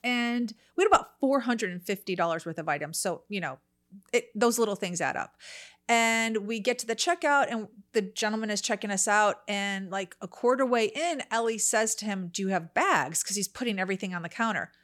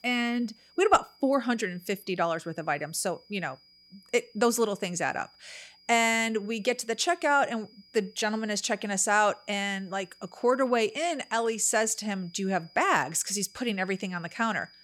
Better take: first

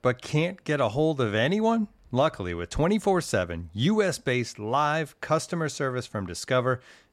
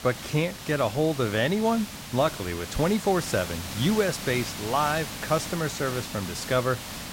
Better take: first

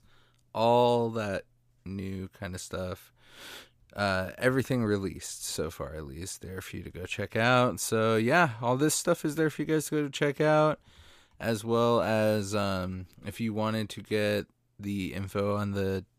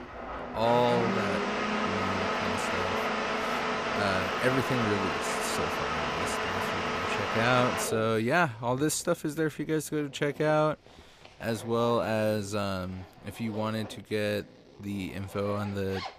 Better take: first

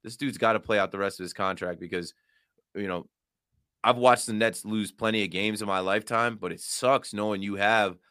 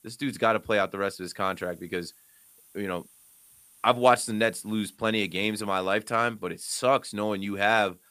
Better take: first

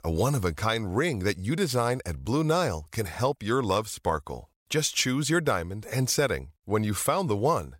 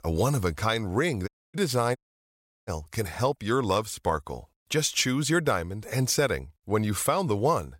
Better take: first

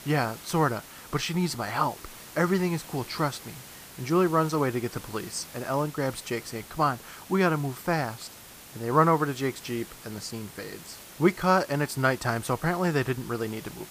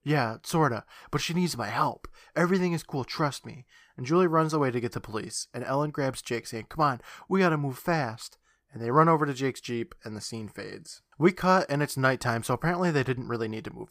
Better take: second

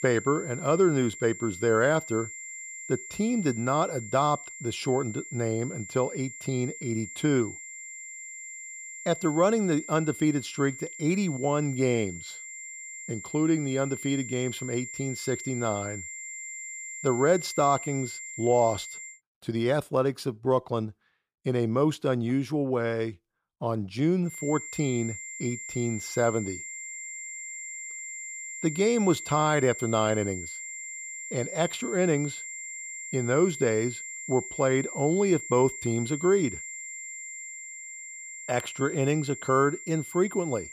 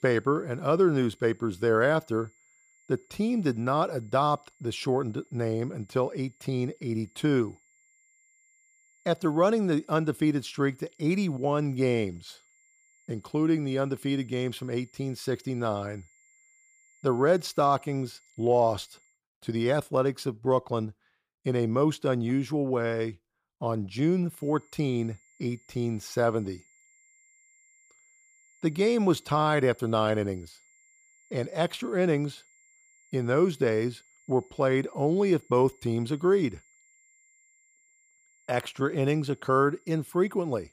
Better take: second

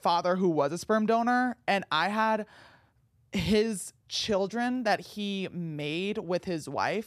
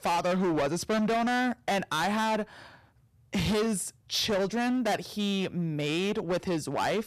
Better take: first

